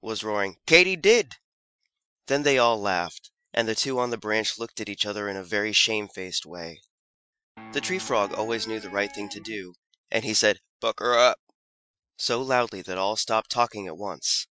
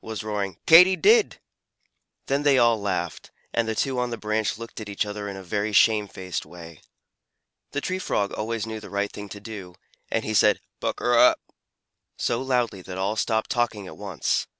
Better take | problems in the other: second | noise reduction (classical method Wiener filter)

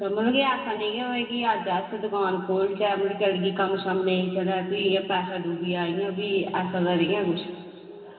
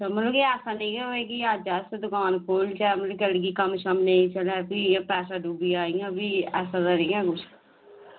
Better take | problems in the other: second | room echo; dies away in 2.2 s

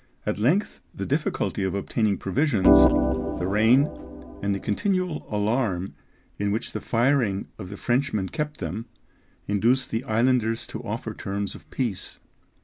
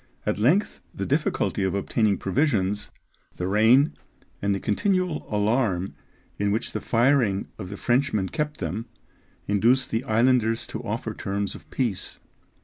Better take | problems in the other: second | background sound (Organ); 2 dB above the speech

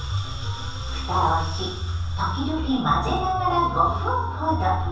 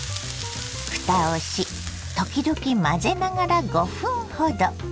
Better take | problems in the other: second | background sound (Livestock, farm animals, working animals); 16 dB below the speech // room echo; dies away in 0.7 s

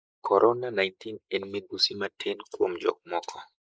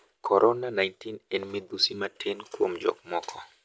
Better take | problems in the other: second | noise reduction (neural mask model Resemble Enhance denoiser)

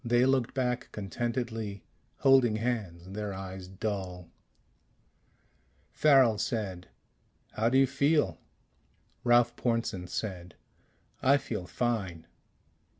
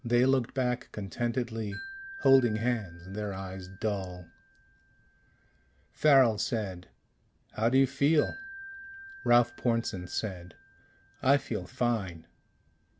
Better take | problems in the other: first | background sound (Breathing + Wind chime); 20 dB below the speech

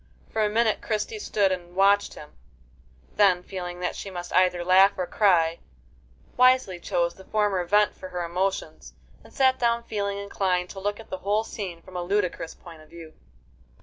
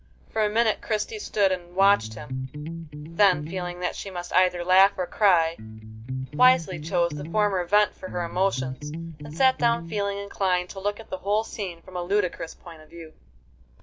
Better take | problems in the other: first | background sound (Electric guitar); 7 dB below the speech

